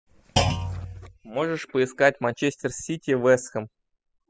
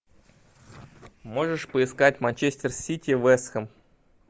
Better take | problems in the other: second | noise reduction (classical method spectral subtraction)

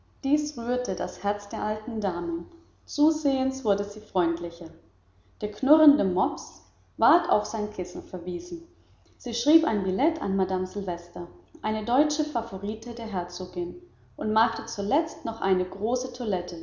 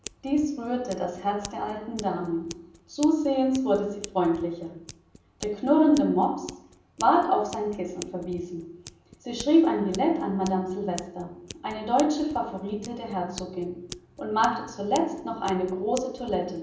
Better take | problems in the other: first | background sound (Scissors); 19 dB below the speech // room echo; dies away in 0.6 s

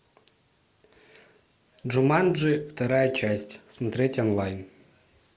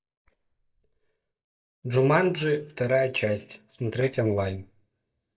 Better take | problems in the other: first | noise reduction (neural mask model DeepFilterNet 3)

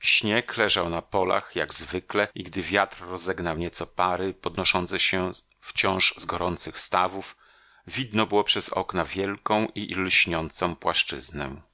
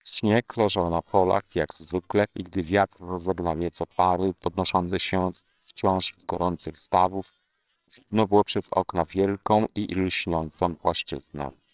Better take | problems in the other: first | noise reduction (neural separator model SepFormer WHAMR!)

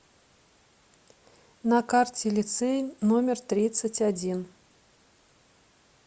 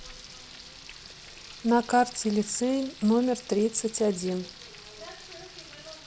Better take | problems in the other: first | background sound (Frying (food)); 17 dB below the speech

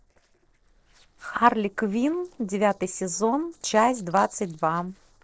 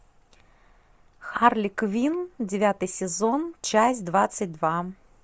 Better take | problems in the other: second | noise reduction (neural separator model SepFormer DNS4)

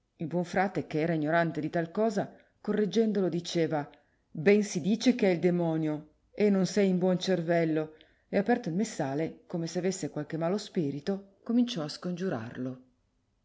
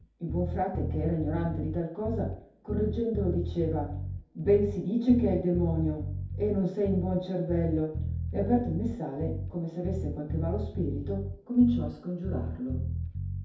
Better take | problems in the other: first | background sound (Bass guitar); 5 dB below the speech // room echo; dies away in 0.6 s

